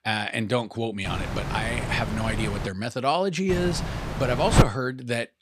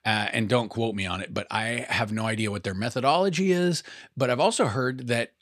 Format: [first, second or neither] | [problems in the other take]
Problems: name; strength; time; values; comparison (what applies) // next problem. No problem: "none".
second | wind noise on the microphone; heavy; from 1 to 2.5 s and from 3.5 to 4.5 s; 5 dB below the speech